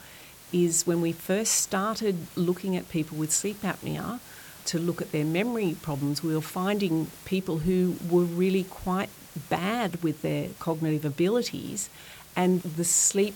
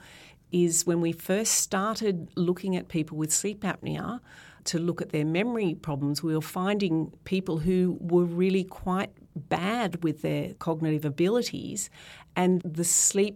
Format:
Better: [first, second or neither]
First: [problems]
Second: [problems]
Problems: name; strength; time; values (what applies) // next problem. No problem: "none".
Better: second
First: hiss; noticeable; throughout; 20 dB below the speech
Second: none